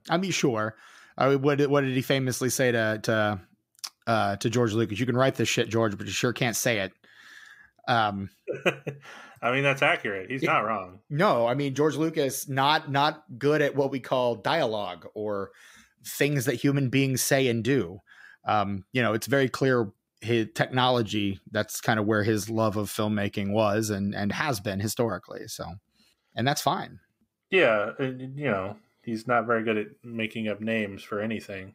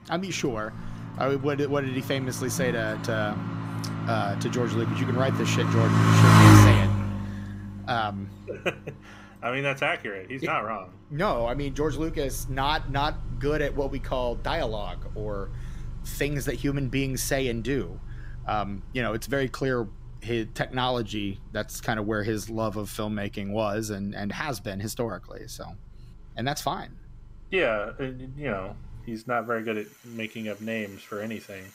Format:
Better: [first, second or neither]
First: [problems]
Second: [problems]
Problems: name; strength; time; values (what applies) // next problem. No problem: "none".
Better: first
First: none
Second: traffic noise; very loud; throughout; 5 dB above the speech